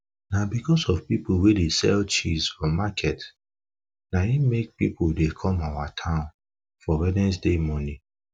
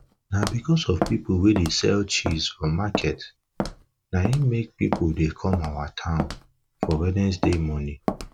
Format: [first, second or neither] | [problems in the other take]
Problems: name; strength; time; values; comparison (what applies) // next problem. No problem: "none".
first | background sound (Walk, footsteps); 8 dB below the speech